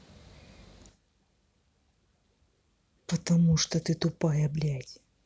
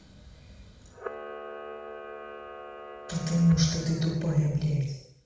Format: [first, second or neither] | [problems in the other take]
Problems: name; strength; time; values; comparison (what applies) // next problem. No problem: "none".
first | background sound (Camera); 14 dB below the speech // room echo; dies away in 0.7 s